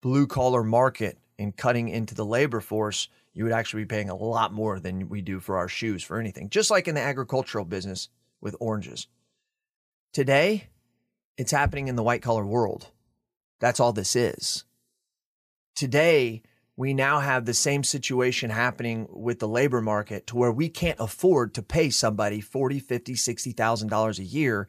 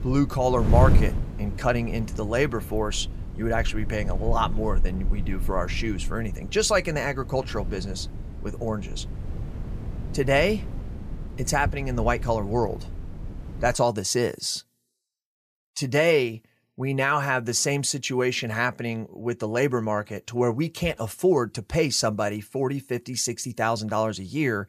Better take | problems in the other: first | wind noise on the microphone; occasional gusts; until 14 s; 15 dB below the speech

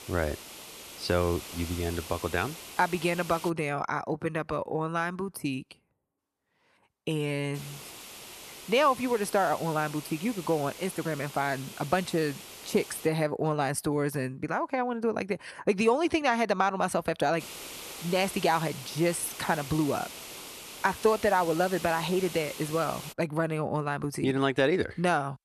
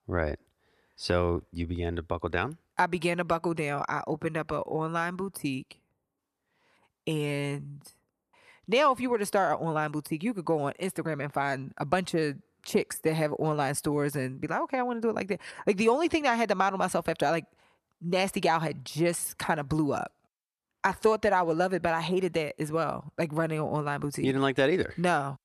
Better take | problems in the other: second | hiss; noticeable; until 3.5 s, from 7.5 to 13 s and from 17 to 23 s; 10 dB below the speech

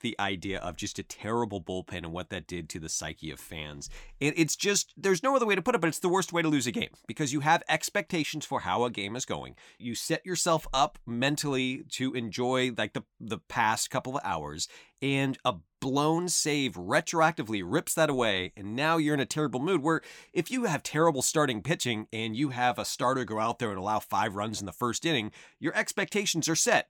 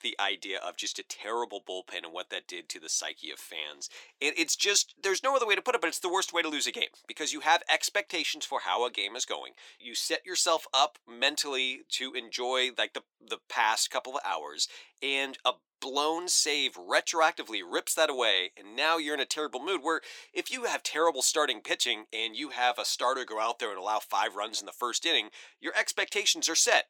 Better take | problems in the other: first | thin; very; fading below 400 Hz

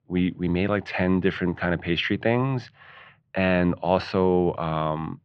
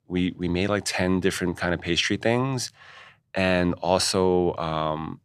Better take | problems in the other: second | muffled; very; fading above 3 kHz

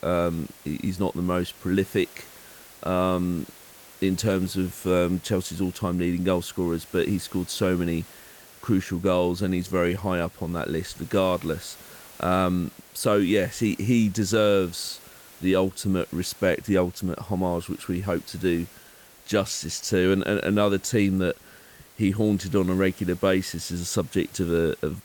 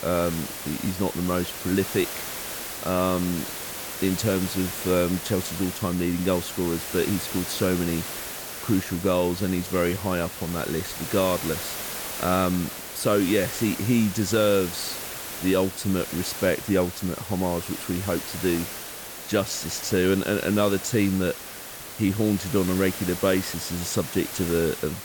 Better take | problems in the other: first | hiss; loud; throughout; 7 dB below the speech; faint in the first

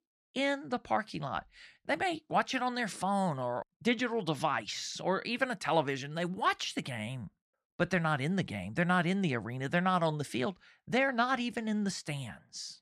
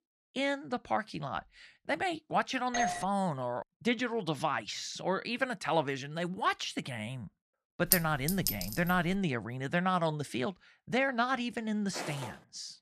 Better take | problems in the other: first | doorbell; noticeable; at 2.5 s; peak level with the speech // clattering dishes; loud; at 8 s; peak 5 dB above the speech // footsteps; noticeable; at 12 s; peak 7 dB below the speech

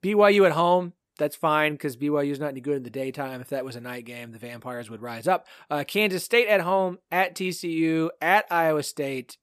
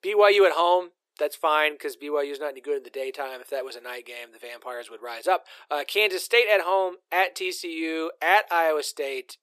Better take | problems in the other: first | thin; very; fading below 350 Hz

